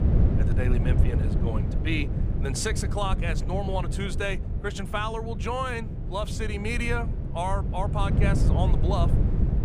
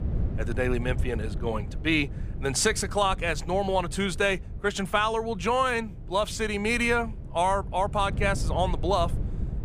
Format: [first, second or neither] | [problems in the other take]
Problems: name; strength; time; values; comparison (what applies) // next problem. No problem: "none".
second | wind noise on the microphone; heavy; 7 dB below the speech; occasional gusts in the second